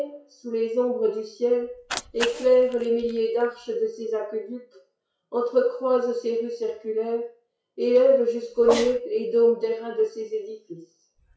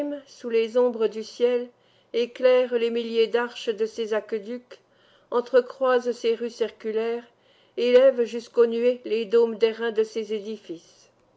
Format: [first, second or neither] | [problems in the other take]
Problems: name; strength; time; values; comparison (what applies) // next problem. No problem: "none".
second | noise reduction (classical method WPE with log-MMSE)